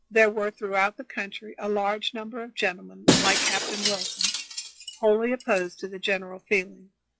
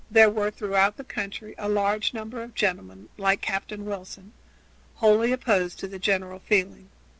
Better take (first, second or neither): second